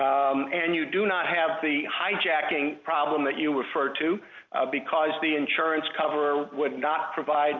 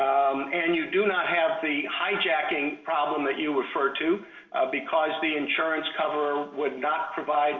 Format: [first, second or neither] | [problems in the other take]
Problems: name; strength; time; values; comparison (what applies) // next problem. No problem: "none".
first | room echo; dies away in 0.5 s